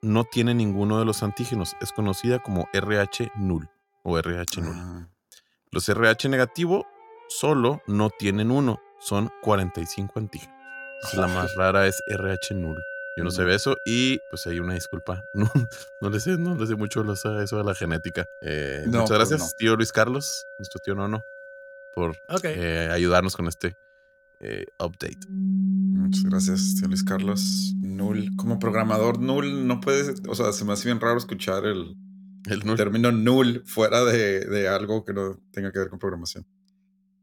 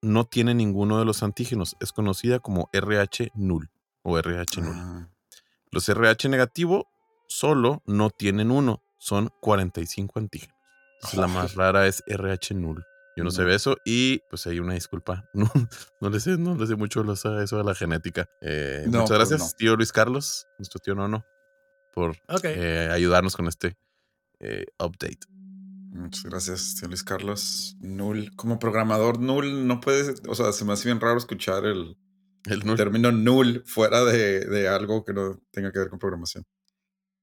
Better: second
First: background music; loud; throughout; 7 dB below the speech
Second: background music; faint; throughout; 30 dB below the speech

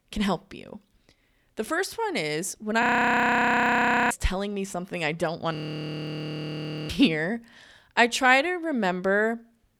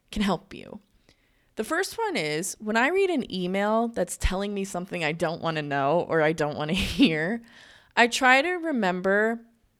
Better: second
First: audio freezing; at 3 s for 1.5 s and at 5.5 s for 1.5 s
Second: none

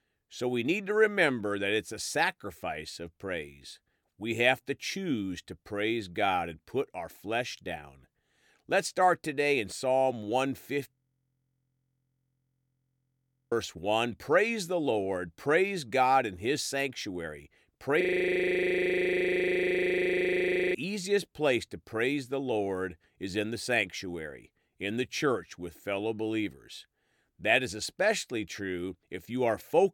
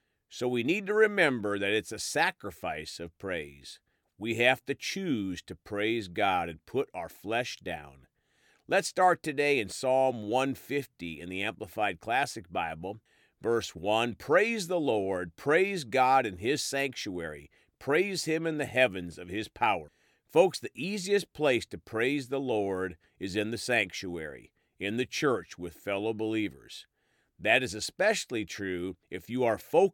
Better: second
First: audio freezing; at 11 s for 2.5 s and at 18 s for 2.5 s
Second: none

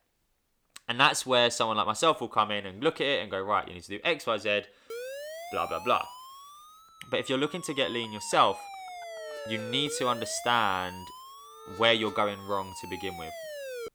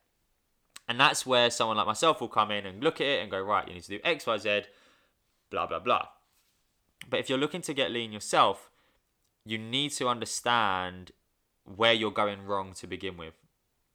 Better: second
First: siren; noticeable; from 5 s on; peak 10 dB below the speech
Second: none

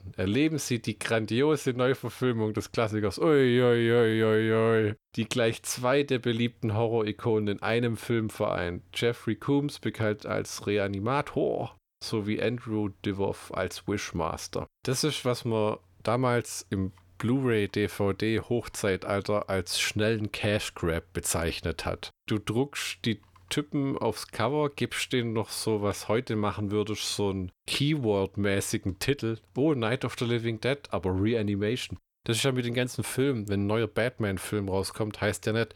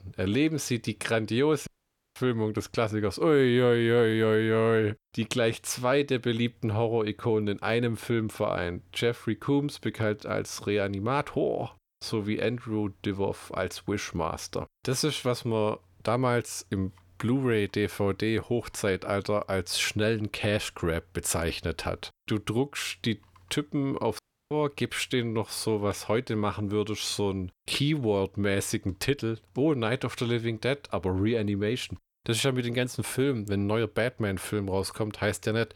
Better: first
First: none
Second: audio cutting out; at 1.5 s and at 24 s

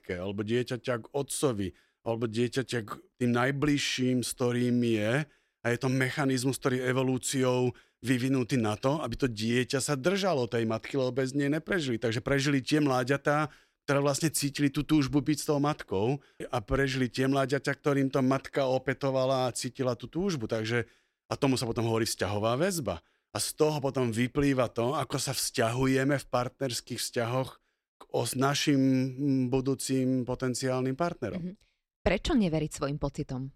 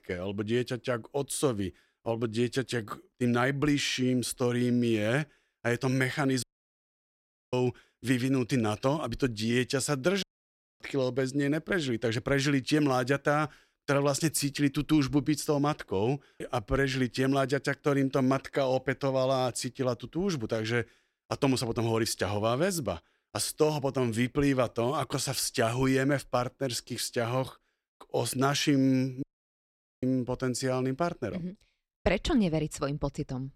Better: first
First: none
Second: audio cutting out; at 6.5 s for 1 s, at 10 s for 0.5 s and at 29 s for 1 s

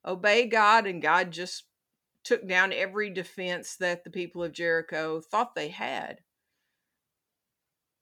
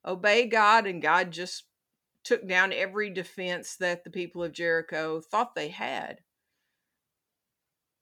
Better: neither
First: none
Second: none

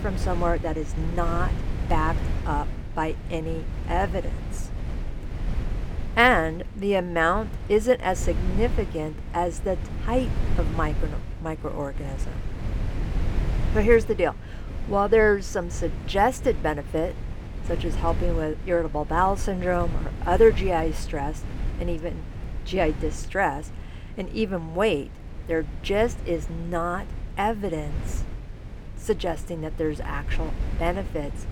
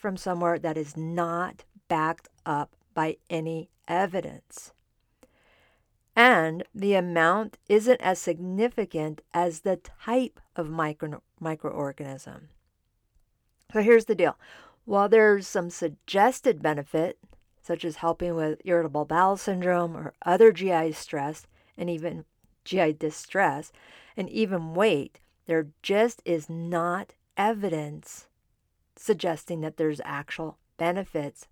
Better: second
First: wind noise on the microphone; occasional gusts; 15 dB below the speech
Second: none

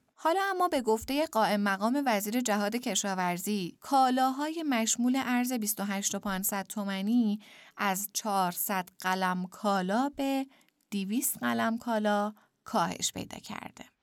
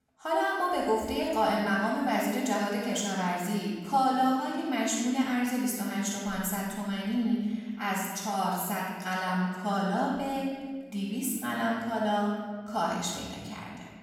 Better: first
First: none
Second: off-mic speech; far // room echo; strong; dies away in 1.6 s

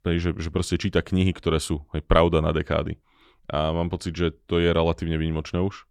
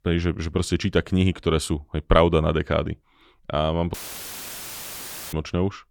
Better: first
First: none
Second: audio cutting out; filled with static; at 4 s for 1.5 s

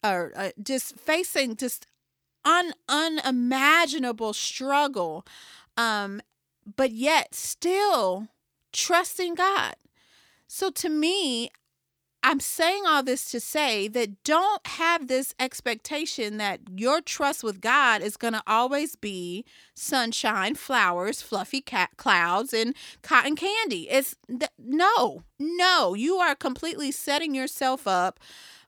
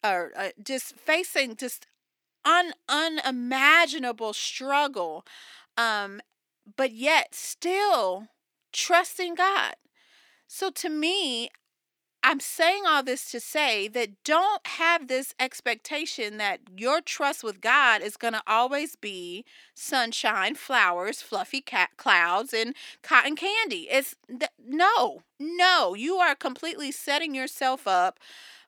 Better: first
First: none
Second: thin; very slightly; fading below 300 Hz

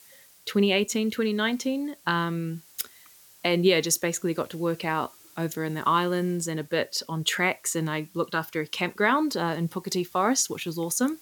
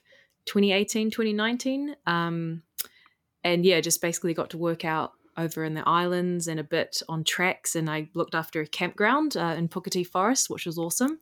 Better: second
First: hiss; faint; throughout; 25 dB below the speech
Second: none

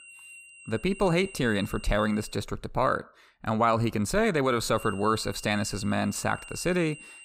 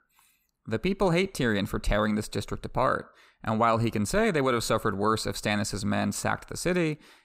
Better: second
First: high-pitched whine; noticeable; until 2.5 s and from 5 s on; 3 kHz, 20 dB below the speech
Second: none

